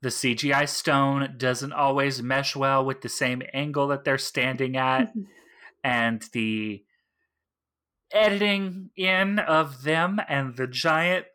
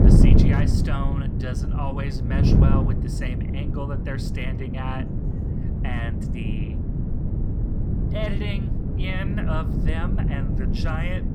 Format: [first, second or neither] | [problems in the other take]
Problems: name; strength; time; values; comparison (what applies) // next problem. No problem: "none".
first | wind noise on the microphone; heavy; as loud as the speech